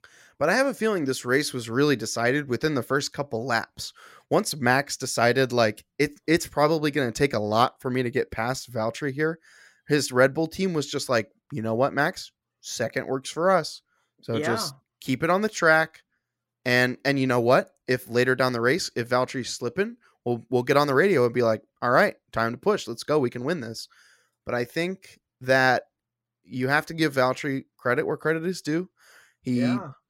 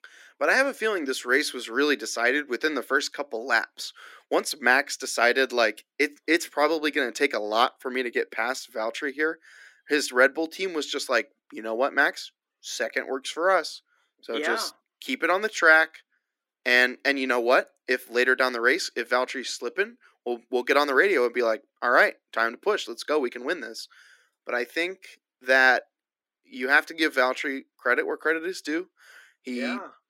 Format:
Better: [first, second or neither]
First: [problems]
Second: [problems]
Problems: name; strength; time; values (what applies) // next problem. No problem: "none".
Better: first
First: none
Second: thin; somewhat; fading below 250 Hz